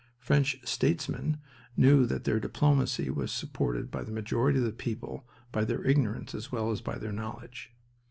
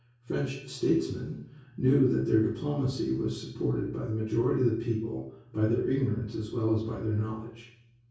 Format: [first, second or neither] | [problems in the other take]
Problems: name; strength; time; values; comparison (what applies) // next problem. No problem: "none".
first | room echo; dies away in 0.6 s